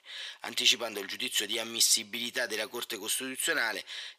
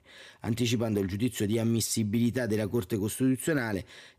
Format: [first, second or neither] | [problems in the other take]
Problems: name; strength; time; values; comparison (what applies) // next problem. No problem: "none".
second | thin; very; fading below 800 Hz